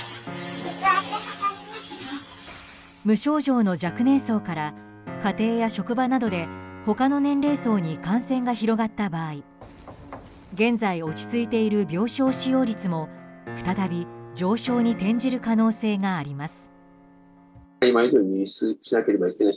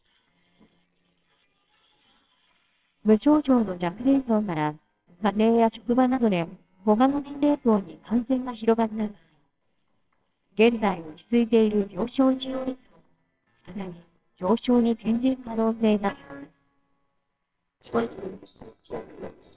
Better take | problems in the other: first | noise reduction (neural separator model SepFormer WHAMR!)

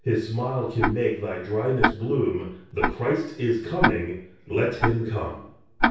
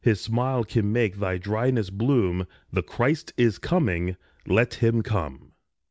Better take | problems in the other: second | background sound (Tick-tock); 3 dB below the speech // room echo; dies away in 0.6 s

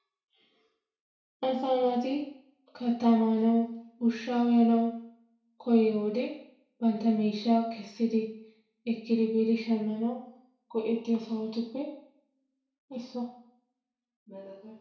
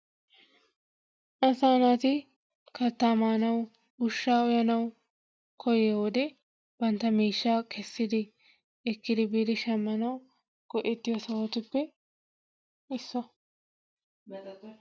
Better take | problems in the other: second | room echo; dies away in 0.6 s

